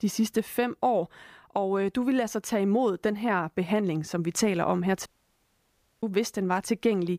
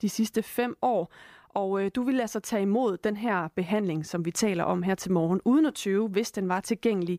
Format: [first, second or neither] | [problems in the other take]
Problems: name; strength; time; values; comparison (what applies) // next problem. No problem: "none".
second | audio cutting out; at 5 s for 1 s